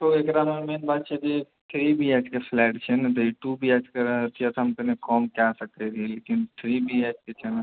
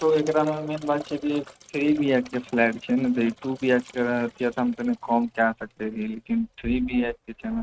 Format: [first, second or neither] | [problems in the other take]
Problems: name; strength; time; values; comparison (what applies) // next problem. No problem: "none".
first | noise reduction (neural mask model RNNoise)